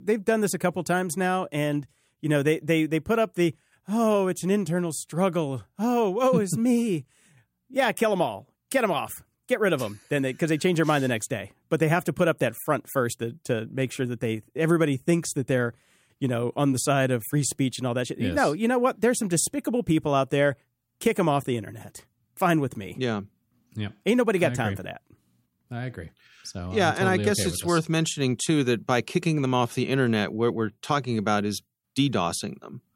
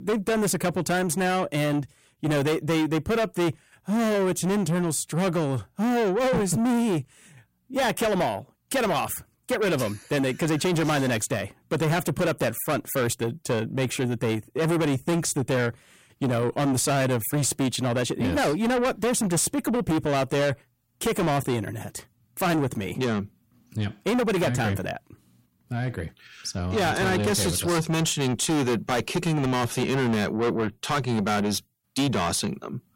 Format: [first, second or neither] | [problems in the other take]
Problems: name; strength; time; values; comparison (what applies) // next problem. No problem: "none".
first | distortion; heavy; 6 dB below the speech